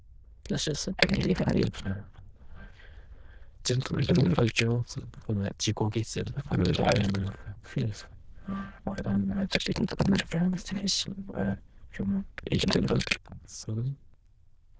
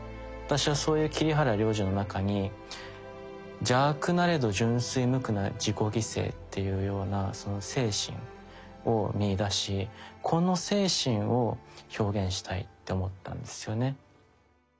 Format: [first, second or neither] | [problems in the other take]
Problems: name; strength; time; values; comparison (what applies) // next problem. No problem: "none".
second | noise reduction (neural diffusion model UNIVERSE++)